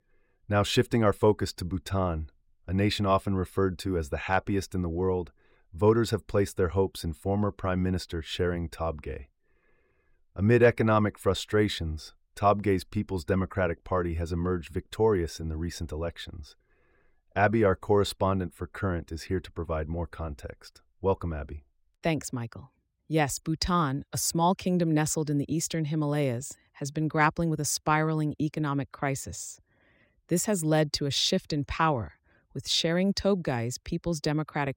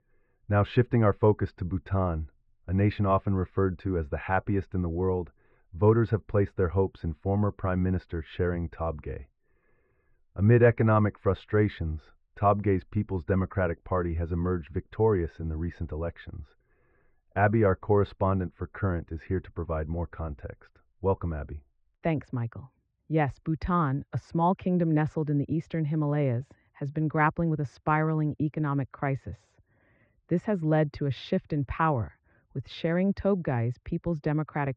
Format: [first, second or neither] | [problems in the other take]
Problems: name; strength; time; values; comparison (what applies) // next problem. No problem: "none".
first | muffled; very; fading above 2 kHz